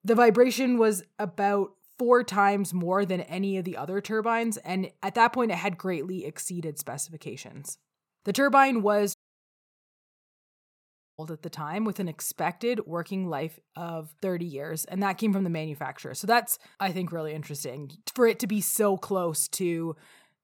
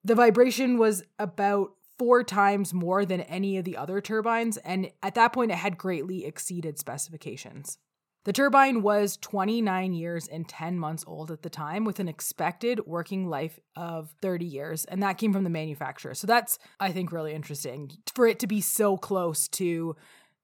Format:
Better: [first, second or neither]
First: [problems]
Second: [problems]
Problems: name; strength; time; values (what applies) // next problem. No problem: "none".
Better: second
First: audio cutting out; at 9 s for 2 s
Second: none